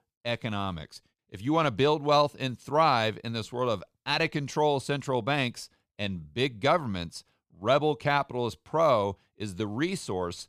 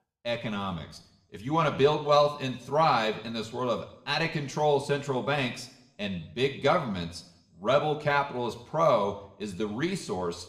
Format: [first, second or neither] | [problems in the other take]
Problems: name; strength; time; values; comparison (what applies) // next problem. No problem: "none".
first | room echo; very slight; dies away in 0.6 s